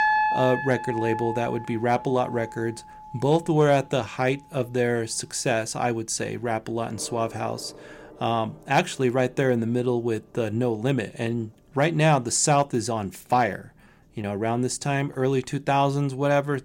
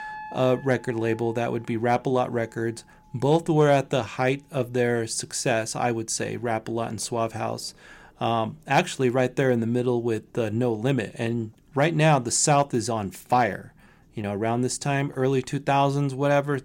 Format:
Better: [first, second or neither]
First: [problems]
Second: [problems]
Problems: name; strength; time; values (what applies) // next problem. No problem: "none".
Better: second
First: background music; loud; throughout; 8 dB below the speech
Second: background music; faint; throughout; 25 dB below the speech